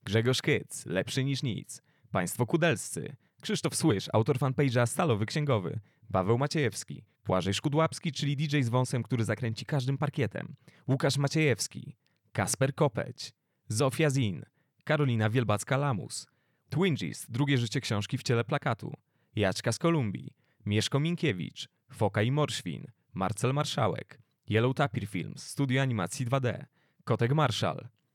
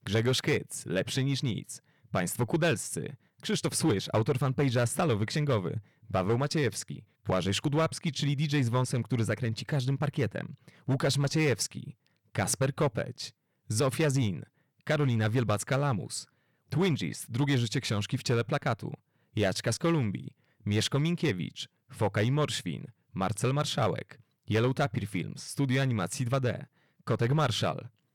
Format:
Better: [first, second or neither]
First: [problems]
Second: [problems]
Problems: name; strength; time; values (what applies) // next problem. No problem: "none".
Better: first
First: none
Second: distortion; slight; 4% of the sound clipped